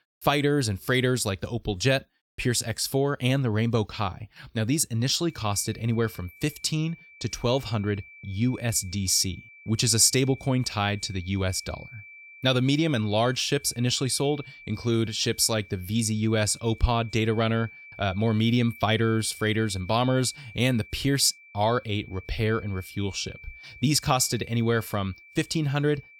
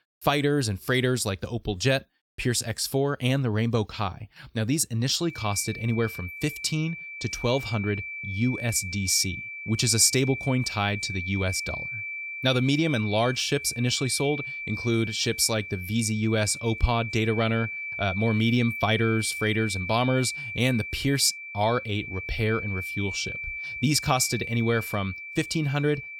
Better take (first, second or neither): first